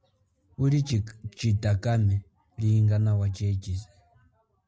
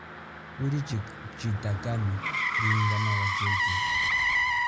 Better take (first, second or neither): first